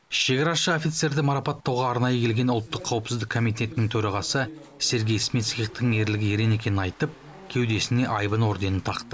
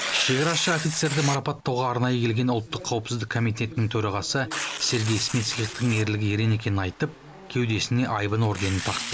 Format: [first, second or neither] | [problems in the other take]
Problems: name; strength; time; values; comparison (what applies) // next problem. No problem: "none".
first | background sound (Tearing); 11 dB below the speech